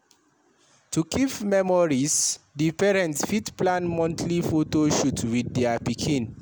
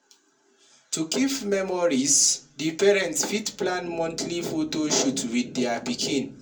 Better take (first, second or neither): first